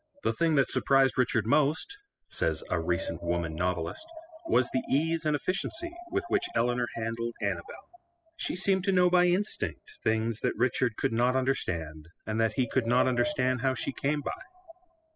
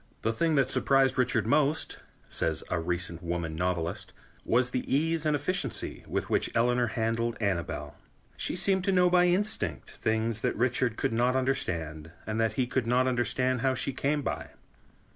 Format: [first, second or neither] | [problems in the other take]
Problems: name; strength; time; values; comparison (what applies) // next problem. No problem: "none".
second | noise reduction (classical method spectral subtraction)